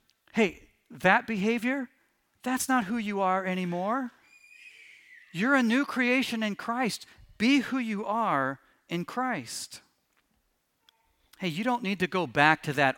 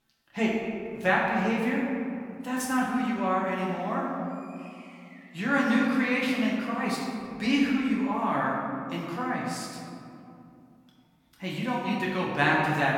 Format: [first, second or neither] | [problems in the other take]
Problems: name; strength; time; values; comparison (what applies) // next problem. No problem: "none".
first | off-mic speech; far // room echo; noticeable; dies away in 2.5 s